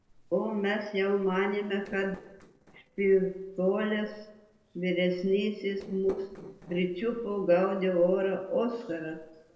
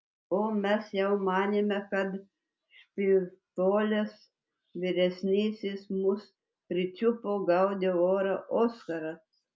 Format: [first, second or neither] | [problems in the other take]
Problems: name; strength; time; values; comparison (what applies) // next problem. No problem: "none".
second | noise reduction (neural separator model SepFormer DNS4)